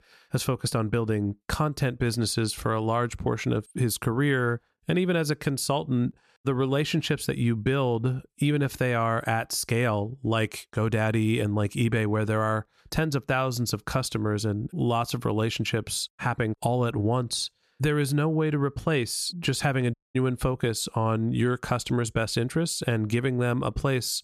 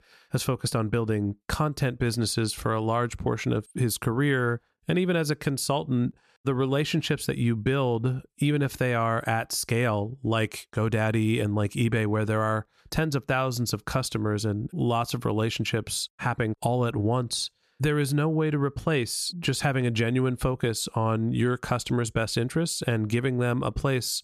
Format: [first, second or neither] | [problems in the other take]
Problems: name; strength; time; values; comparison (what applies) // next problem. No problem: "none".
second | audio cutting out; at 20 s